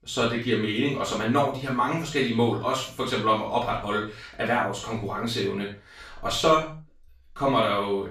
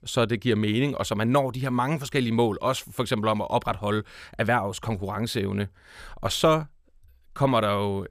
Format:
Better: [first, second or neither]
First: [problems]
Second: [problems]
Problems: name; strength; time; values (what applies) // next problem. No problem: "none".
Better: second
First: room echo; noticeable; dies away in 0.3 s // off-mic speech; far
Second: none